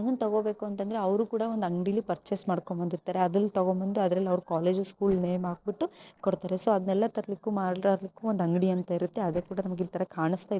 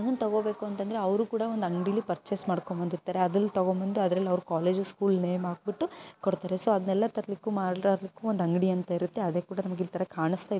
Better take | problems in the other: second | noise reduction (neural separator model SepFormer DNS4)

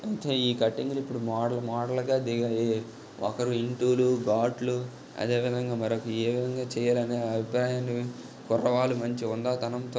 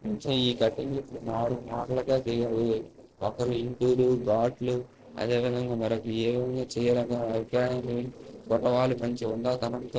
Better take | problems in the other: first | noise reduction (neural separator model SepFormer DNS4)

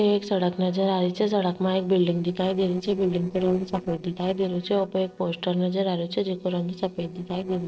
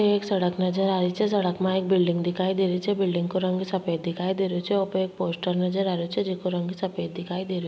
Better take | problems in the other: second | noise reduction (neural separator model SepFormer DNS4)

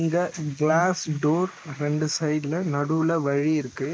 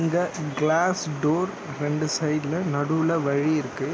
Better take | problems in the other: second | noise reduction (neural mask model Resemble Enhance denoiser)

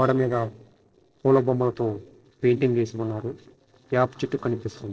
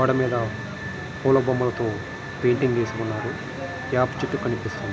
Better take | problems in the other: second | noise reduction (neural separator model SepFormer DNS4)

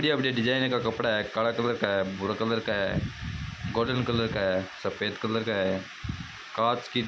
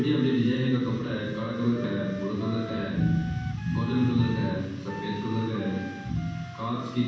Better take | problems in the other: first | background sound (Wind instrument, woodwind instrument); 15 dB below the speech // room echo; dies away in 1.2 s

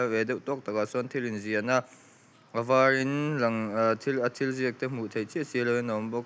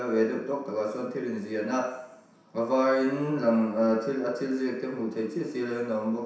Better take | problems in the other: first | room echo; dies away in 0.7 s

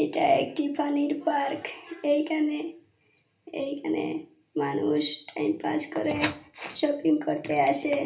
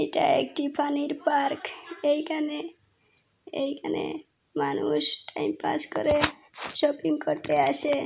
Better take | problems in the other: second | room echo; dies away in 0.3 s

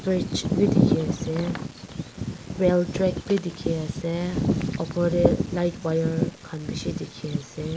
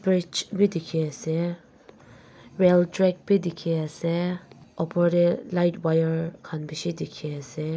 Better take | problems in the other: second | background sound (Bird vocalization, bird call, bird song); as loud as the speech

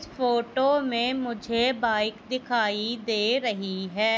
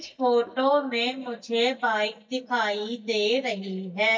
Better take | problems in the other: first | noise reduction (neural mask model DeepFilterNet 3)

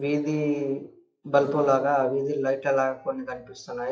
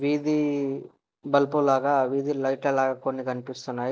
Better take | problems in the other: second | noise reduction (classical method WPE with log-MMSE)

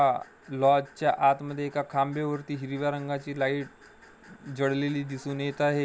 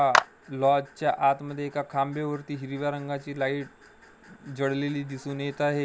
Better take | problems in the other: first | background sound (Clapping); 1 dB below the speech

